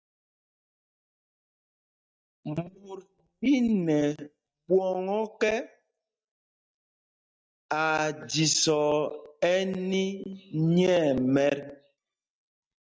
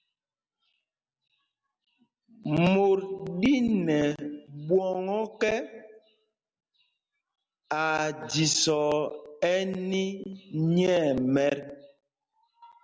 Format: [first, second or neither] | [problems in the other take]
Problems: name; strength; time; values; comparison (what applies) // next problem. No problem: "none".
second | noise reduction (neural mask model DeepFilterNet 3)